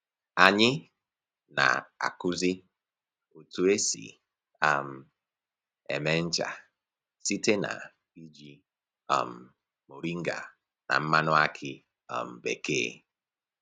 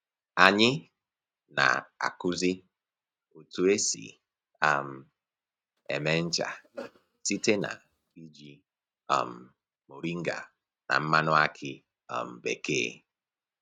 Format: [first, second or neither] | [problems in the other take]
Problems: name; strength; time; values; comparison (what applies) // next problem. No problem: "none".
first | noise reduction (neural mask model RNNoise)